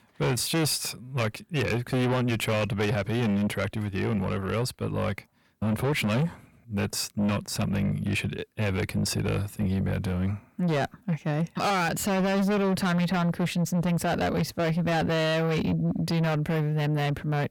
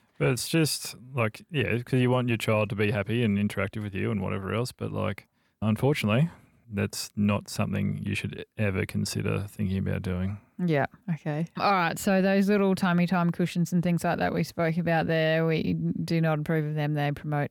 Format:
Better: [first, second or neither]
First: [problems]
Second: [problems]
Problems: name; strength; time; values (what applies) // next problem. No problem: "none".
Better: second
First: distortion; heavy; 8 dB below the speech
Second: none